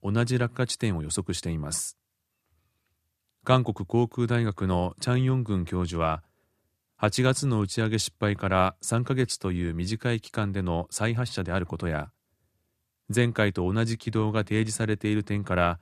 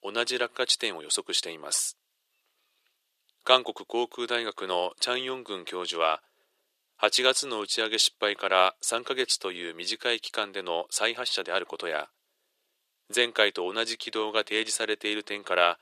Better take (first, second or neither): first